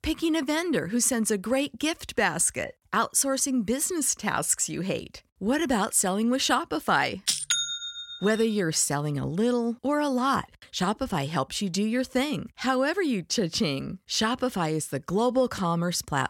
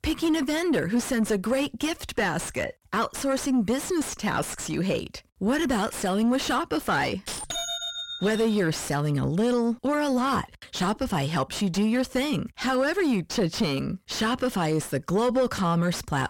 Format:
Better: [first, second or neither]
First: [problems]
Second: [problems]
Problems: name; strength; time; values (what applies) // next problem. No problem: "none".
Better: first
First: none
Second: distortion; heavy; 5 dB below the speech